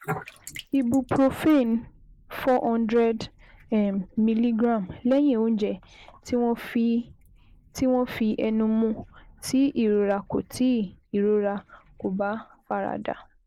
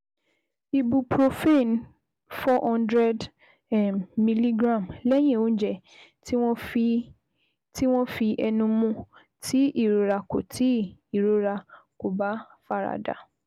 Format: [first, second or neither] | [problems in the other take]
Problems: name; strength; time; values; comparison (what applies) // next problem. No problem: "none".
second | noise reduction (neural mask model Resemble Enhance denoiser)